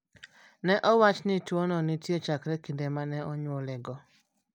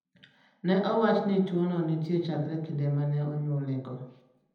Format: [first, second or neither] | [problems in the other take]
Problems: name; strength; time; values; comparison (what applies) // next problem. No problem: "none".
first | room echo; dies away in 0.8 s